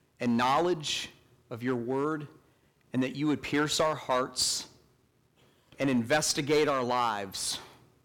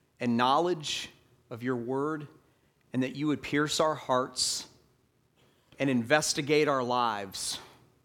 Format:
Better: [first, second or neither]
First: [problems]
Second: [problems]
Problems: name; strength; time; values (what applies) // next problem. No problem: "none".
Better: second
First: distortion; slight; 3% of the sound clipped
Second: none